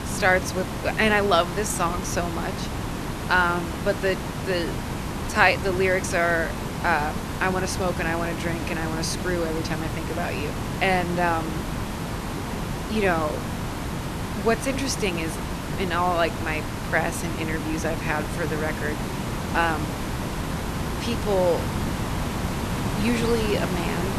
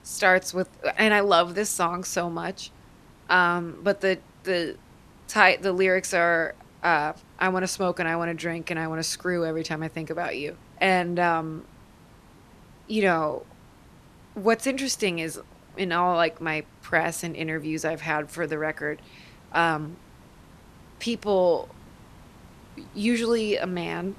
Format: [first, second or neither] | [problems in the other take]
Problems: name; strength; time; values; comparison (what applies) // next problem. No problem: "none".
second | hiss; loud; throughout; 4 dB below the speech; faint in the second